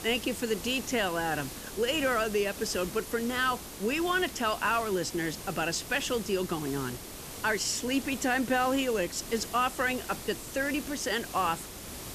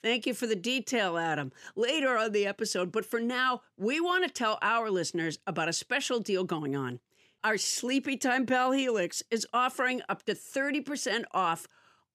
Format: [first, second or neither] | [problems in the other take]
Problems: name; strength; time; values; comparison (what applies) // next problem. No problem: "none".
second | hiss; noticeable; throughout; 10 dB below the speech